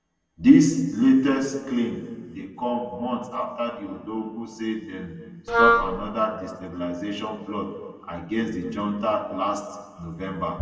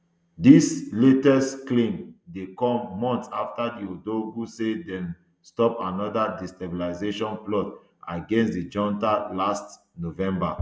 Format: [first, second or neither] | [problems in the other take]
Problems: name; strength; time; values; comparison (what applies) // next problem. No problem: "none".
second | background sound (Wind instrument, woodwind instrument); 4 dB above the speech // room echo; dies away in 1.4 s